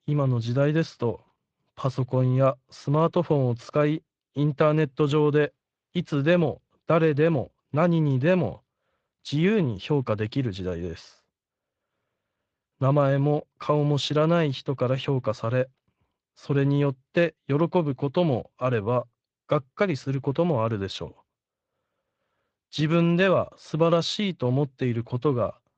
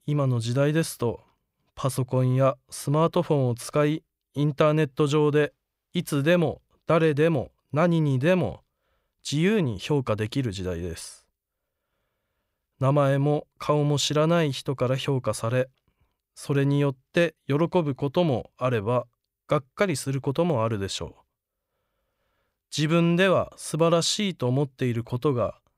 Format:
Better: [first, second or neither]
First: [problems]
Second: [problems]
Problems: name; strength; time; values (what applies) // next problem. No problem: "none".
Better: second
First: garbled, watery; slightly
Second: none